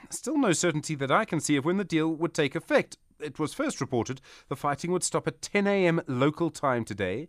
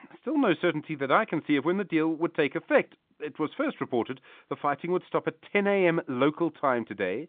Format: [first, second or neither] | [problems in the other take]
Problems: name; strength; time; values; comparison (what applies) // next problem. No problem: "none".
first | phone-call audio